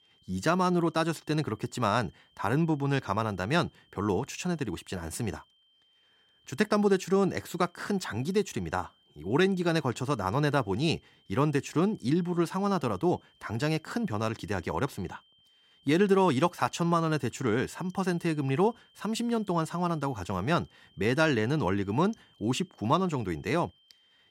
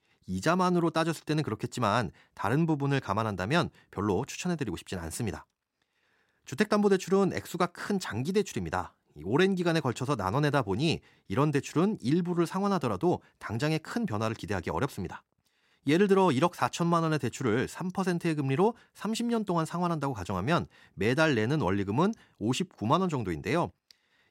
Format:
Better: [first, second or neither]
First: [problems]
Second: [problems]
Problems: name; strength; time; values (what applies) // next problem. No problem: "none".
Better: second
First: high-pitched whine; faint; throughout; 3 kHz, 35 dB below the speech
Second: none